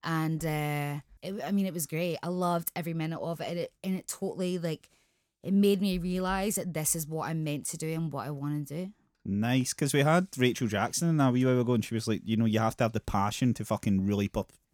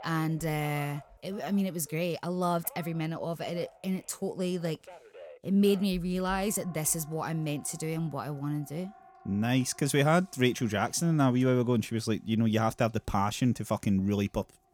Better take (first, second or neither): first